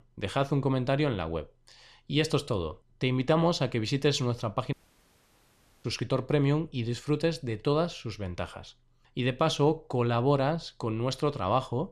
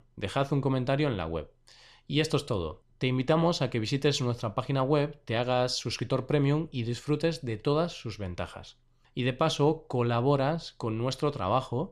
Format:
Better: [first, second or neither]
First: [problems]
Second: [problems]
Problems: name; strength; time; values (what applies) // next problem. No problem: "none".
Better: second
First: audio cutting out; at 4.5 s for 1 s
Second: none